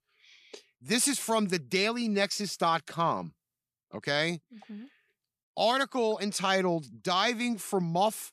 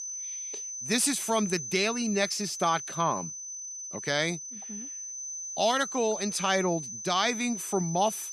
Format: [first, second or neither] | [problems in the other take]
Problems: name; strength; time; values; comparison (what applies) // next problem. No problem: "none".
first | high-pitched whine; loud; throughout; 6 kHz, 7 dB below the speech